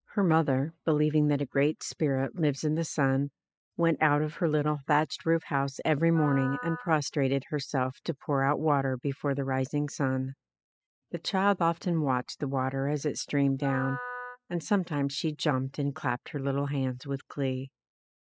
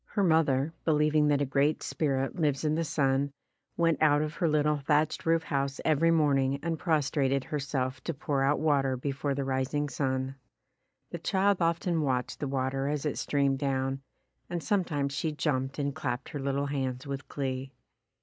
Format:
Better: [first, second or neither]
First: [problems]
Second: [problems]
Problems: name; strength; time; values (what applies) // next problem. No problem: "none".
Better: second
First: noise reduction (classical method spectral subtraction)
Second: none